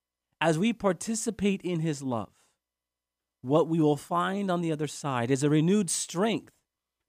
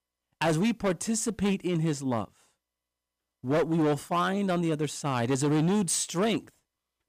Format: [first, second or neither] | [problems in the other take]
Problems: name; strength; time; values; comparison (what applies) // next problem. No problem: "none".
first | distortion; slight; 10% of the sound clipped